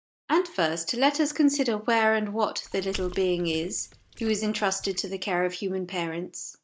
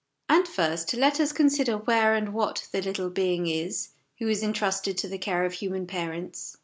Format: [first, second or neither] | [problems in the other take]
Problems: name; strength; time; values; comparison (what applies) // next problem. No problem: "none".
second | noise reduction (neural mask model DeepFilterNet 3)